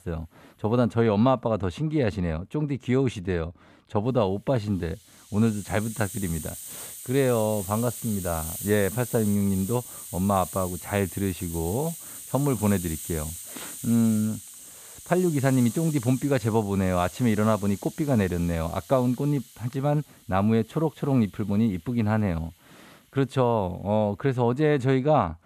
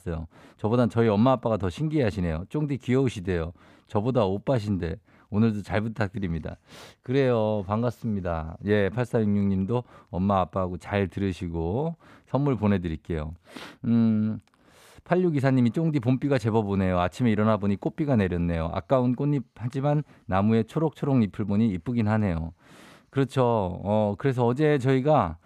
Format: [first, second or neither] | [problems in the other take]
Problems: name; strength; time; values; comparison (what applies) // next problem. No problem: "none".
second | hiss; noticeable; throughout; 10 dB below the speech